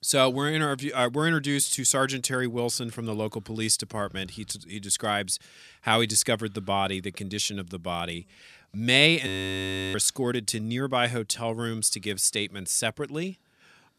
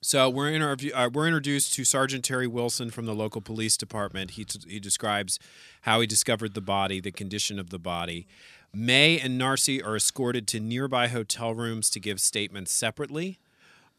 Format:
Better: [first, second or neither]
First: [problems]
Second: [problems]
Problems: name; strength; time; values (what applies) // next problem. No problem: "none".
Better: second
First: audio freezing; at 9.5 s for 0.5 s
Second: none